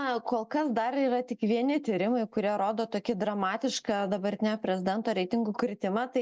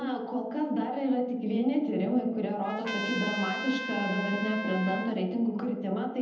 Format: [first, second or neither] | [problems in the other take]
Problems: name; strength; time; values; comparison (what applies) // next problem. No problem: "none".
first | background sound (Trumpet); 7 dB below the speech // room echo; dies away in 0.8 s